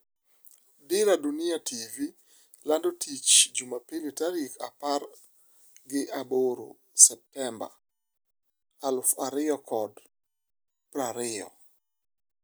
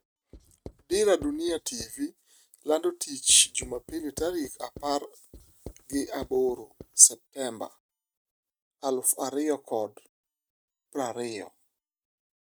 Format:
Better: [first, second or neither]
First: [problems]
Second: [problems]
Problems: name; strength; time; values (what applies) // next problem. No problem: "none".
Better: first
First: none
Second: noise reduction (neural mask model RNNoise)